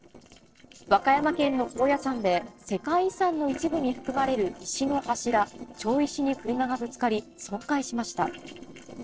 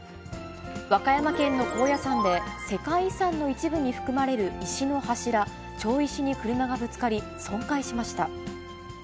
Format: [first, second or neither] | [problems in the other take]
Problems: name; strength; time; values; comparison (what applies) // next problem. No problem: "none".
second | noise reduction (neural separator model SepFormer DNS4)